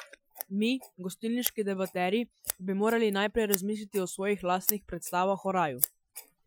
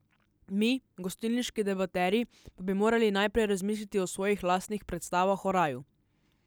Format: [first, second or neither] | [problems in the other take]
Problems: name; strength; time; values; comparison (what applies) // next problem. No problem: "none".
second | noise reduction (classical method Wiener filter)